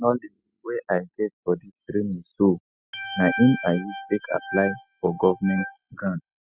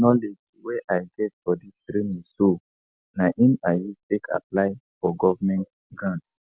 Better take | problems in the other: second | noise reduction (classical method spectral subtraction)

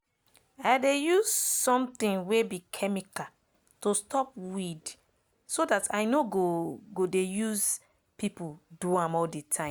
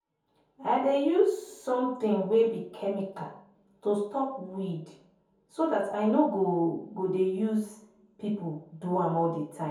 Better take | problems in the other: first | room echo; dies away in 0.6 s

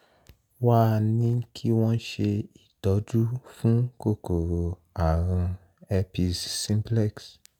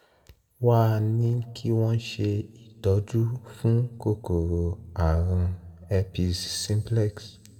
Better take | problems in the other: first | room echo; dies away in 1.9 s

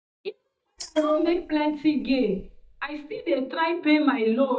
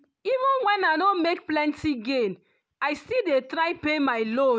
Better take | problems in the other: second | noise reduction (neural mask model DeepFilterNet 3)

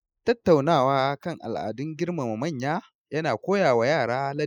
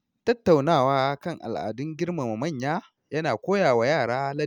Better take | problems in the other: second | noise reduction (neural mask model Resemble Enhance denoiser)

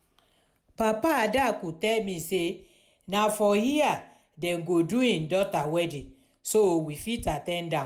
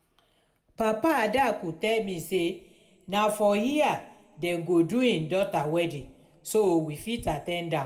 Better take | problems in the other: first | room echo; dies away in 0.7 s

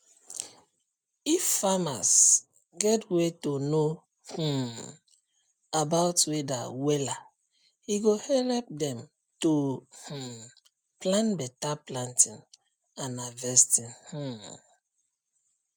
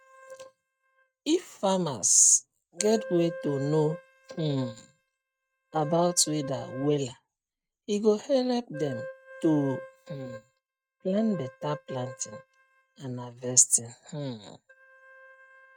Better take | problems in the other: first | noise reduction (neural mask model RNNoise)

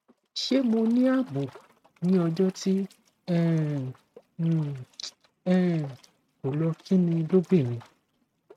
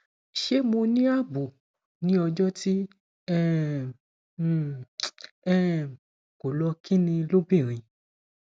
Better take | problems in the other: second | noise reduction (neural mask model RNNoise)

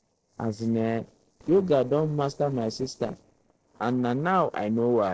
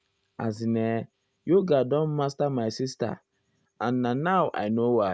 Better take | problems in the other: second | noise reduction (neural separator model SepFormer DNS4)

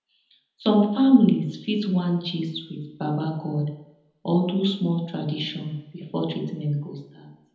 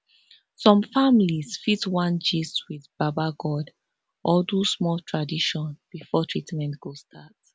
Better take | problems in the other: second | room echo; dies away in 0.8 s

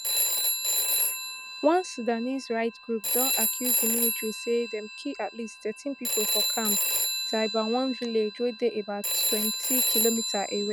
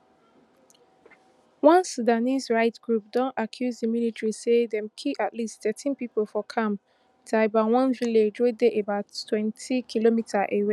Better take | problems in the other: second | background sound (Telephone); 1 dB above the speech

